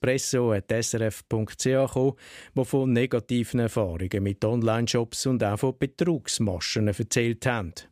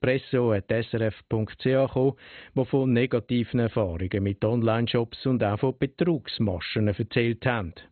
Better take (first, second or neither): first